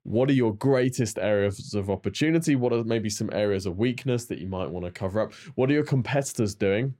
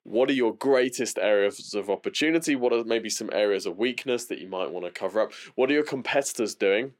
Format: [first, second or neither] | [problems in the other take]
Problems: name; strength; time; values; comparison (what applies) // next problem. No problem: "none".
first | thin; somewhat; fading below 300 Hz